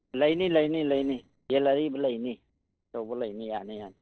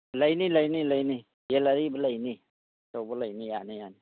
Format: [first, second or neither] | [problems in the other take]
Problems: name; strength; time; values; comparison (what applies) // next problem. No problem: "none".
second | noise reduction (neural separator model SepFormer DNS4)